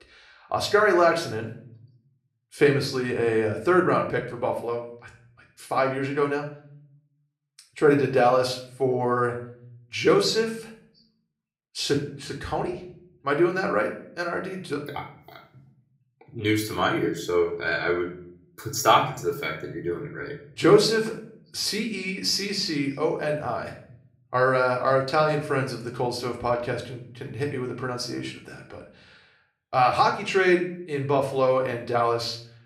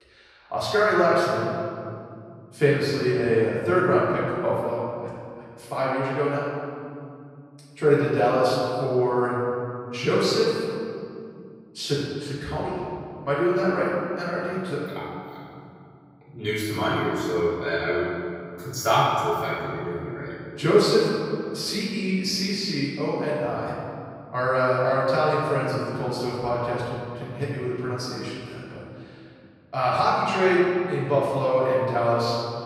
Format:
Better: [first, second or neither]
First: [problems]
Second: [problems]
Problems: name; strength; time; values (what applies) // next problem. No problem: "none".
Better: first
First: room echo; slight; dies away in 0.5 s // off-mic speech; somewhat distant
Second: room echo; strong; dies away in 2.4 s // off-mic speech; far